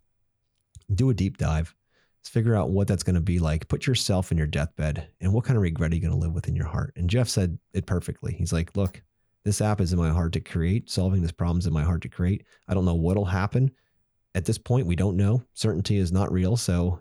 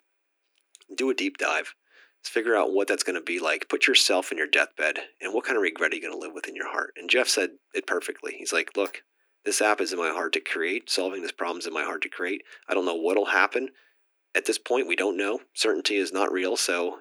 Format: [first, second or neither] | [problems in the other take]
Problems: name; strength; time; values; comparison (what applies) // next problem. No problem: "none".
first | thin; very; fading below 300 Hz